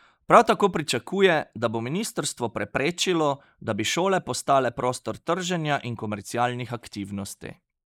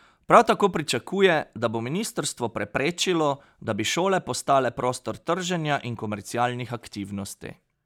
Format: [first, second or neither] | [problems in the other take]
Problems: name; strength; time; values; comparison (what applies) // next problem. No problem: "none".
second | noise reduction (neural mask model Resemble Enhance denoiser)